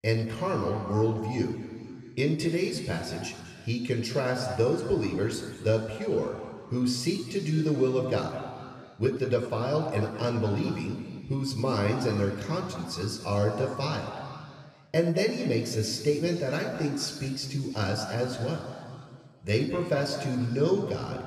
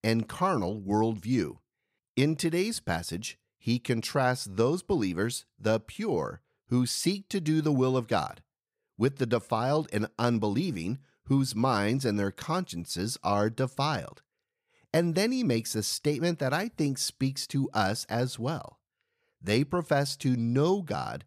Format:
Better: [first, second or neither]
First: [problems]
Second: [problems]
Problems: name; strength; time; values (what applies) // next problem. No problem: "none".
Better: second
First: room echo; noticeable; dies away in 2.4 s // off-mic speech; somewhat distant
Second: none